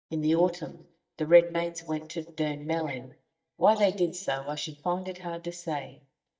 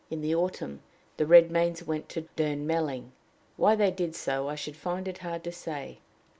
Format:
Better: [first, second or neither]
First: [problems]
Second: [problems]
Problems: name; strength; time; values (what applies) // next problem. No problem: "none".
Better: second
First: noise reduction (neural mask model DeepFilterNet 3)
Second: none